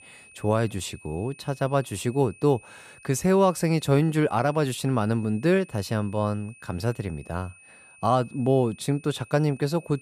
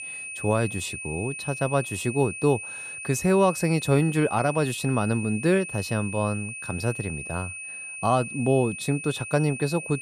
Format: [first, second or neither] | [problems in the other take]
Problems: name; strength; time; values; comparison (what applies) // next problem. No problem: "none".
first | high-pitched whine; loud; throughout; 2.5 kHz, 8 dB below the speech; faint in the first